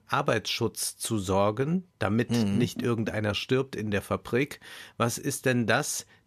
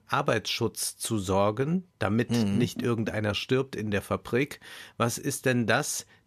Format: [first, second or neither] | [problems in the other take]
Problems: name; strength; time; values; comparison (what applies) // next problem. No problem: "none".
neither | none